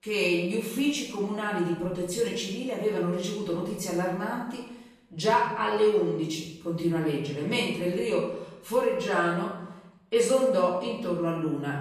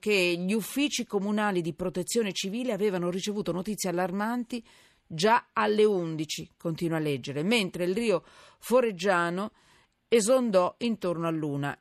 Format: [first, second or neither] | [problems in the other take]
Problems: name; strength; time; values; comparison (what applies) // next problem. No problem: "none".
second | off-mic speech; far // room echo; noticeable; dies away in 0.8 s